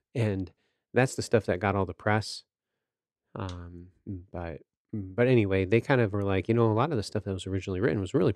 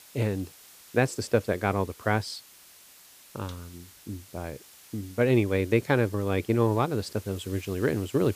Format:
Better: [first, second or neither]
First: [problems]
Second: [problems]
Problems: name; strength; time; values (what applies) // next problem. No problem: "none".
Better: first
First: none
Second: hiss; faint; throughout; 20 dB below the speech